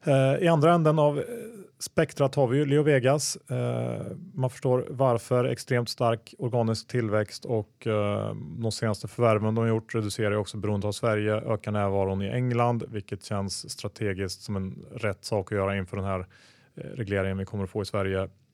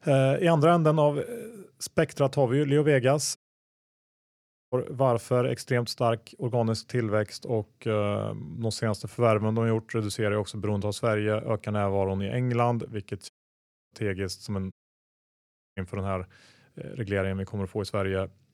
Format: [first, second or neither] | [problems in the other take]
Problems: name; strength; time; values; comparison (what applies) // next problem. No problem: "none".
first | audio cutting out; at 3.5 s for 1.5 s, at 13 s for 0.5 s and at 15 s for 1 s